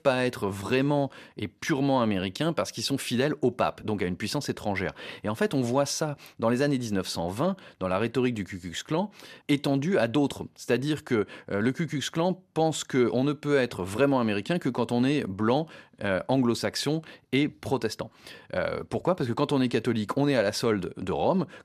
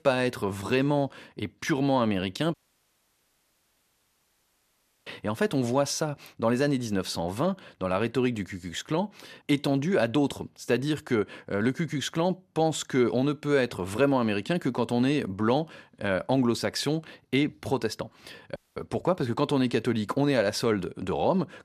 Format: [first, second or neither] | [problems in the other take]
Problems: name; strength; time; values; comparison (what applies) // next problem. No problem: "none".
first | audio cutting out; at 2.5 s for 2.5 s and at 19 s